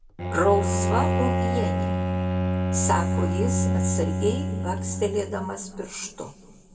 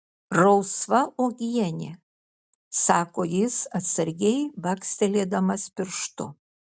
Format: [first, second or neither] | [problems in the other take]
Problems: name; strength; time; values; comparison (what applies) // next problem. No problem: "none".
second | background sound (Bowed string instrument); 3 dB above the speech // room echo; dies away in 1.7 s